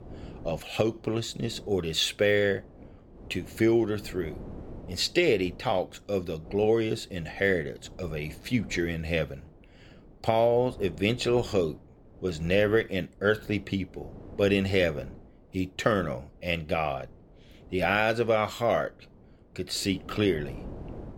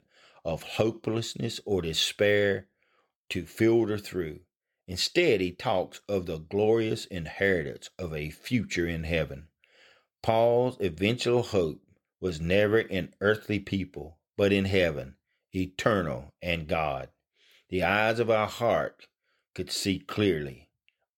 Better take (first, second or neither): second